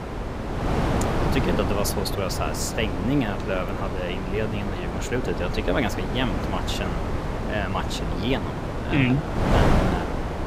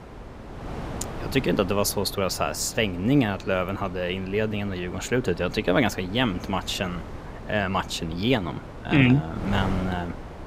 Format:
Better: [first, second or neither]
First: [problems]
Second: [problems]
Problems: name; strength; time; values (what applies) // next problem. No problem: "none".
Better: second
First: wind noise on the microphone; heavy; 1 dB below the speech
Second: wind noise on the microphone; occasional gusts; 15 dB below the speech